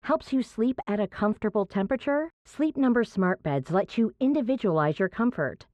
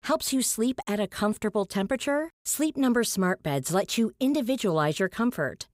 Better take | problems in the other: second | muffled; very; fading above 2 kHz

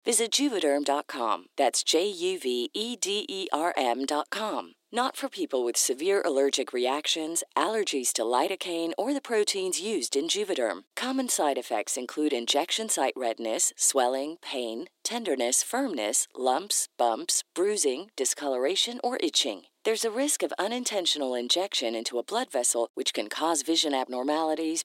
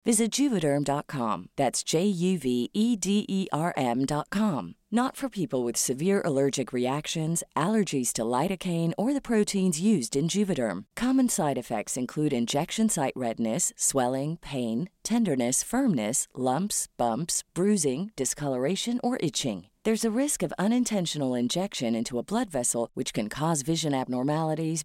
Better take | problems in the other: second | thin; somewhat; fading below 300 Hz

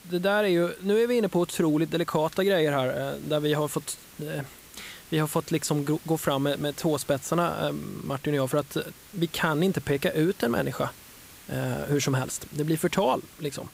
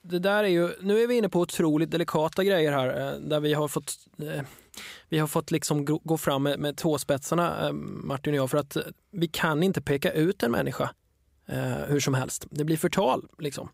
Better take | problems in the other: second | hiss; faint; throughout; 20 dB below the speech

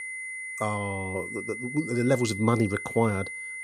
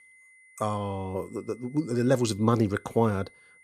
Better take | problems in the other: second | high-pitched whine; loud; throughout; 2 kHz, 7 dB below the speech; faint in the second

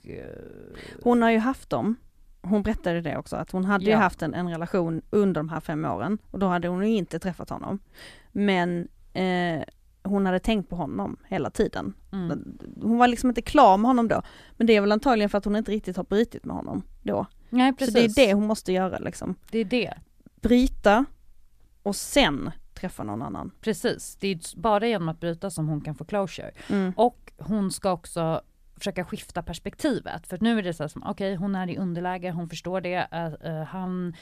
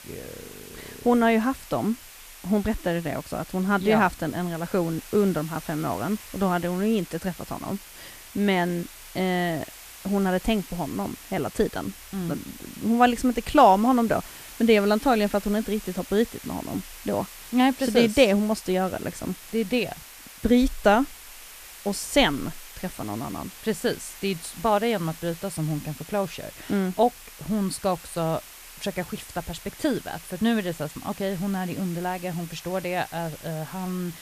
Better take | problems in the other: first | hiss; noticeable; throughout; 15 dB below the speech

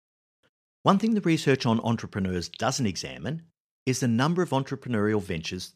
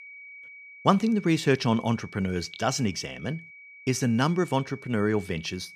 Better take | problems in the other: first | high-pitched whine; noticeable; throughout; 2.5 kHz, 20 dB below the speech

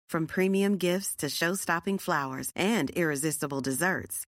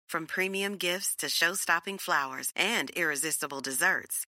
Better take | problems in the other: first | thin; somewhat; fading below 950 Hz

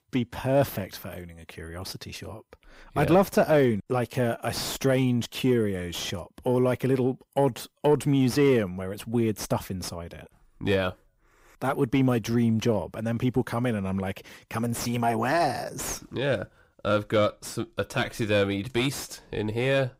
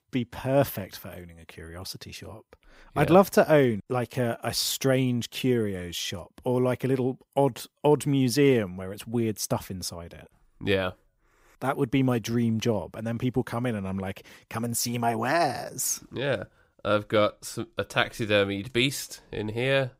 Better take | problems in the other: second | distortion; slight; 10 dB below the speech

